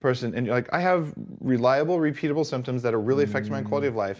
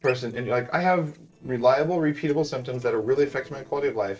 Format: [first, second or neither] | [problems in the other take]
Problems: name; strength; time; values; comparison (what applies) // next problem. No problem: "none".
first | noise reduction (neural separator model SepFormer DNS4)